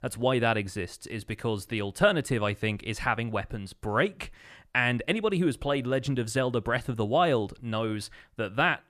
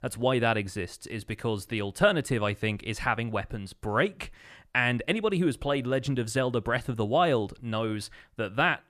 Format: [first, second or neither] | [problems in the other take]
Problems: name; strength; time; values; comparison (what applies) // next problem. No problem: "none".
neither | none